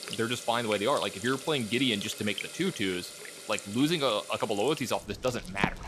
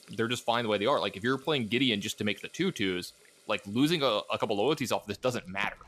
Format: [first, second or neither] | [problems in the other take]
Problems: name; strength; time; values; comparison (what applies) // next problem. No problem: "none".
second | household noises; loud; throughout; 10 dB below the speech; faint in the second